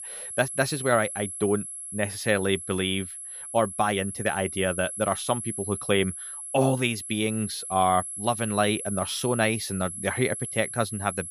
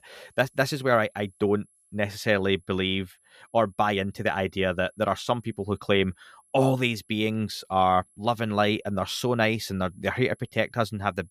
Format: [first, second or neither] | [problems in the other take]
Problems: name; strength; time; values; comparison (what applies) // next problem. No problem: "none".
second | high-pitched whine; loud; throughout; 11 kHz, 7 dB below the speech; faint in the second